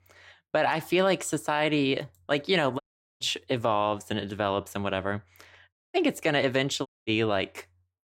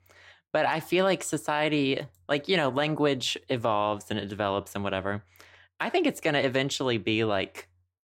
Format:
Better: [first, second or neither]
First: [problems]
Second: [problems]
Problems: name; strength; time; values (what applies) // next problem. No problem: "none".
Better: second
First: audio cutting out; at 3 s, at 5.5 s and at 7 s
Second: none